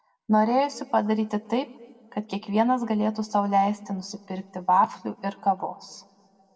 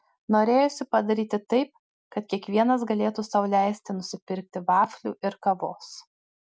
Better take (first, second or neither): second